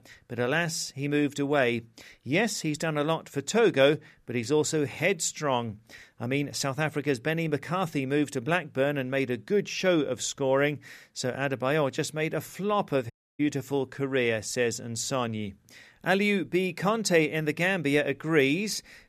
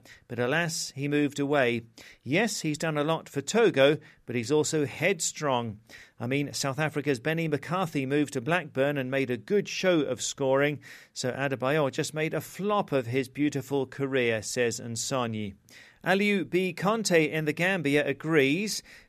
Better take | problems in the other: second | audio cutting out; at 13 s

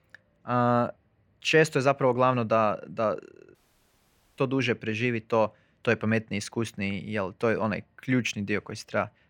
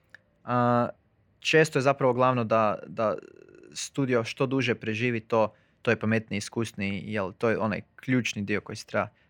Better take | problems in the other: second | audio cutting out; at 3.5 s for 1 s

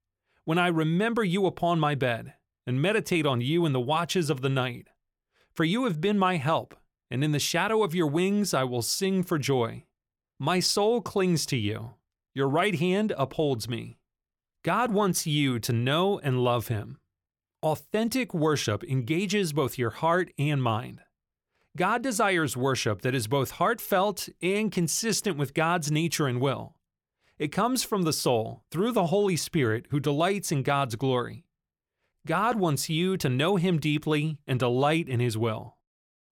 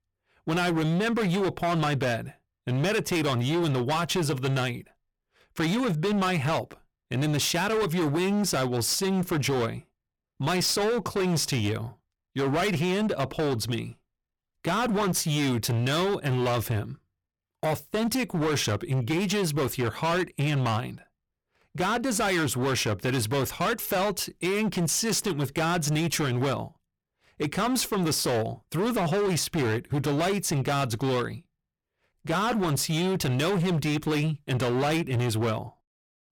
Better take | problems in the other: first | distortion; heavy; 24% of the sound clipped

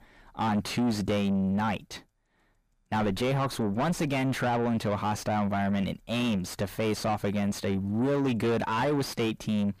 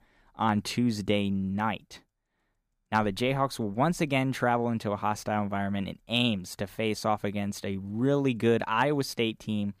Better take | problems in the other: second | distortion; heavy; 6 dB below the speech

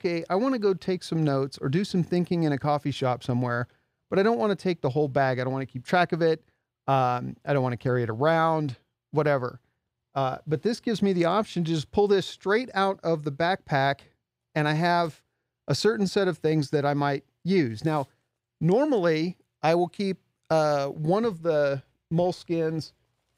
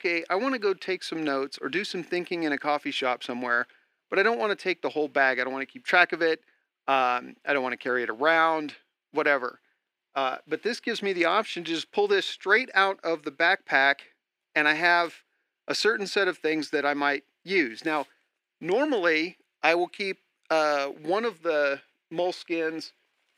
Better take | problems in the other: first | thin; somewhat; fading below 300 Hz

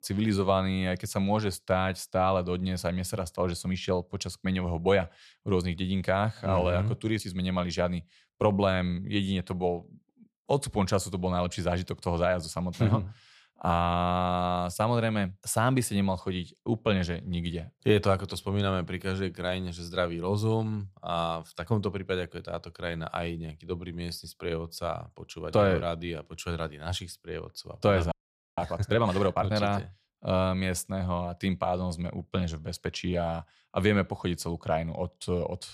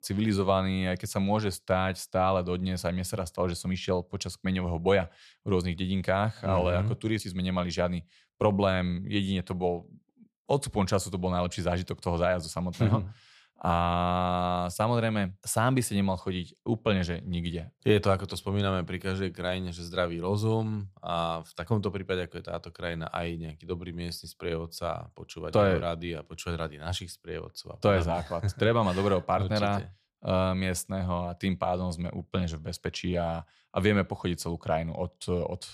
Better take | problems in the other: second | audio freezing; at 28 s

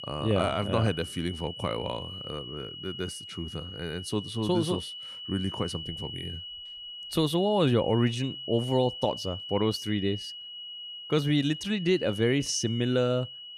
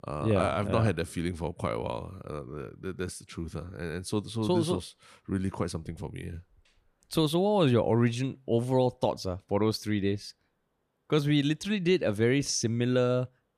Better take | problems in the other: second | high-pitched whine; loud; throughout; 3 kHz, 9 dB below the speech

